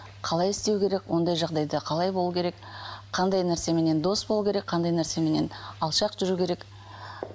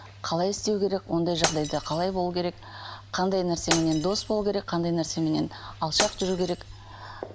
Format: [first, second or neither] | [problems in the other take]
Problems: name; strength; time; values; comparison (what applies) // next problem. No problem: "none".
first | background sound (Shatter); 8 dB below the speech